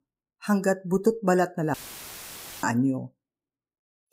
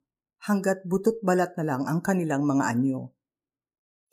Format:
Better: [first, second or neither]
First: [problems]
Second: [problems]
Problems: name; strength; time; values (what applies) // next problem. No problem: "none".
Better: second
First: audio cutting out; filled with static; at 1.5 s for 1 s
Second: none